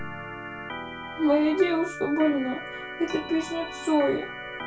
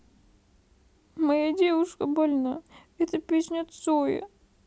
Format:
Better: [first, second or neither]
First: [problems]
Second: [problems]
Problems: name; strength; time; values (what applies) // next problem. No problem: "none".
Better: second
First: background sound (Organ); 10 dB below the speech // room echo; dies away in 0.2 s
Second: none